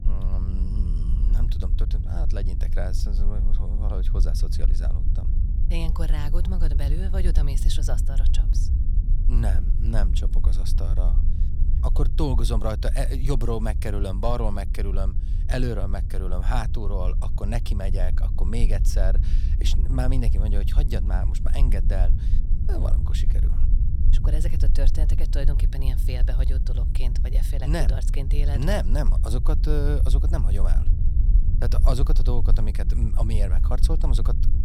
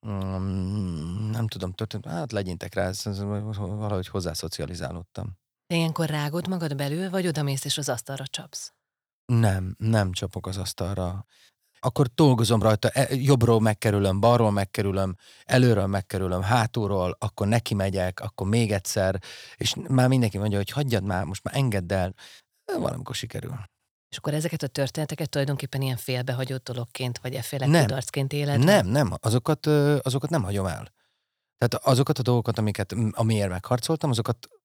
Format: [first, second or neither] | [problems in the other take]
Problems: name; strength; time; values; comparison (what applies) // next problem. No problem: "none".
second | low rumble; loud; throughout; 9 dB below the speech